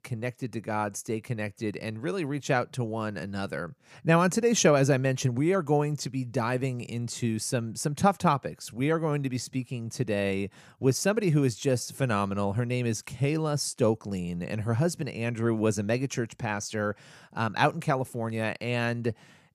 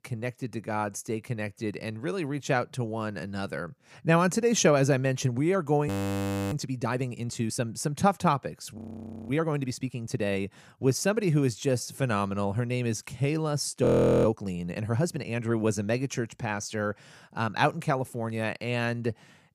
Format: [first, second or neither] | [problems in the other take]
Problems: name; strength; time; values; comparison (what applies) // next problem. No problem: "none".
first | audio freezing; at 6 s for 0.5 s, at 9 s for 0.5 s and at 14 s